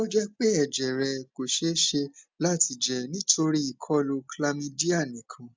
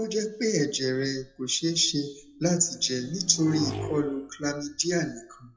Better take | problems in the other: first | noise reduction (classical method WPE with log-MMSE)

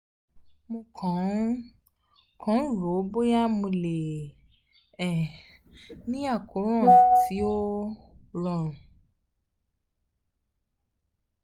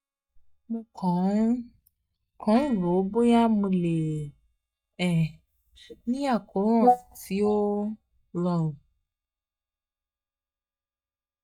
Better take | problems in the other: first | noise reduction (neural mask model DeepFilterNet 3)

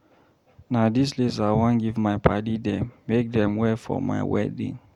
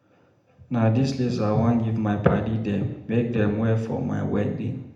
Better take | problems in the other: first | room echo; dies away in 0.8 s

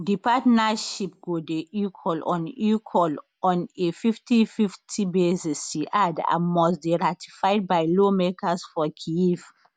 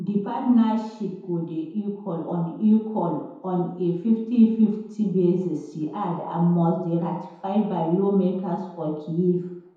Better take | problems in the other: first | room echo; dies away in 1 s

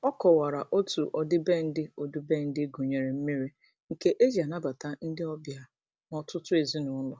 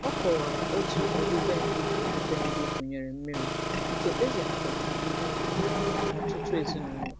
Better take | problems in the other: first | background sound (Engine + Mechanisms); 4 dB above the speech

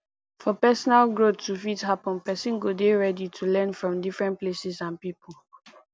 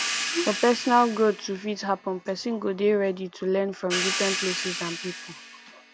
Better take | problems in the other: first | background sound (Wind instrument, woodwind instrument + Hi-hat); 7 dB below the speech

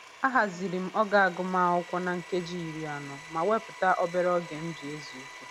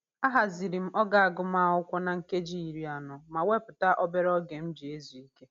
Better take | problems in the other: second | background sound (Domestic sounds, home sounds); 16 dB below the speech

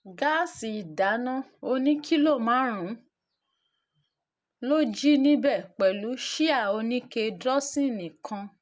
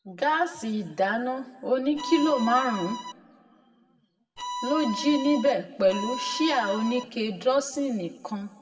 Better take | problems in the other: first | background sound (Bowed string instrument); 7 dB below the speech // room echo; dies away in 1 s

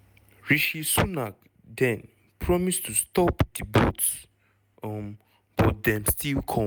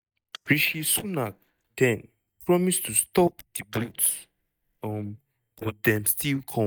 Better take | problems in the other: first | noise reduction (neural mask model DeepFilterNet 3)

